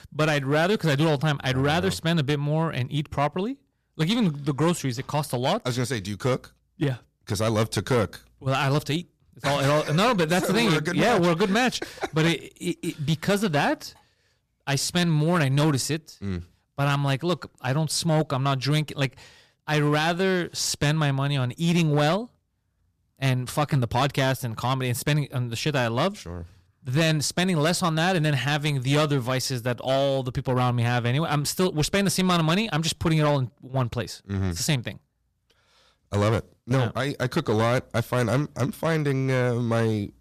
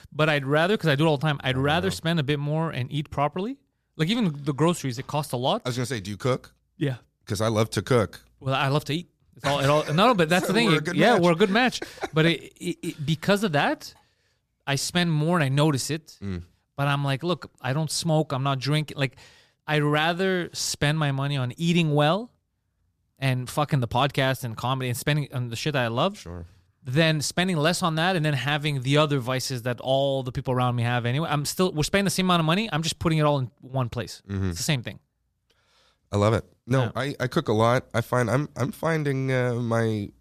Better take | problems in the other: second | distortion; slight; 7% of the sound clipped

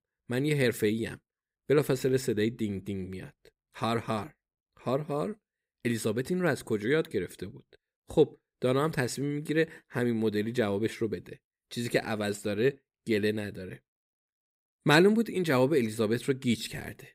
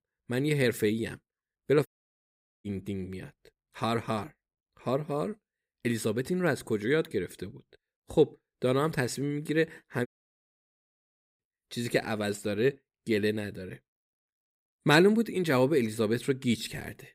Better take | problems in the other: first | audio cutting out; at 2 s for 1 s and at 10 s for 1.5 s

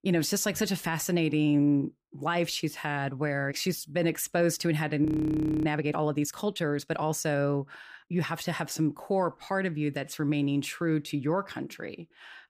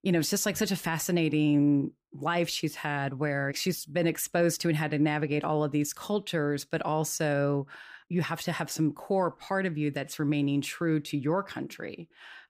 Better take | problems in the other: second | audio freezing; at 5 s for 0.5 s

